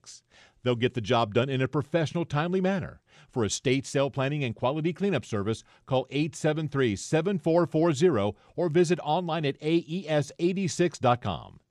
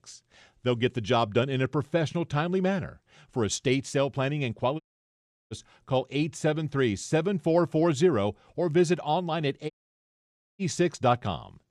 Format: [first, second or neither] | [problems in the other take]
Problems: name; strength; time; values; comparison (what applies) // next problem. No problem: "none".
first | audio cutting out; at 5 s for 0.5 s and at 9.5 s for 1 s